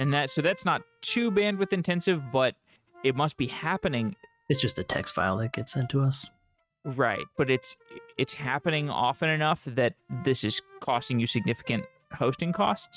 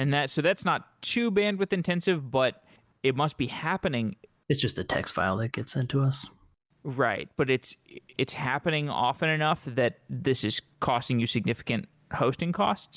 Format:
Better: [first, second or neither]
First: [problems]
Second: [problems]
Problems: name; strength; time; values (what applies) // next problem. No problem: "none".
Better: second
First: noise reduction (neural mask model RNNoise)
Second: none